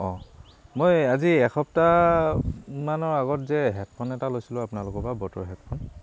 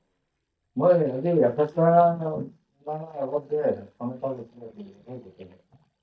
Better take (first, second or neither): first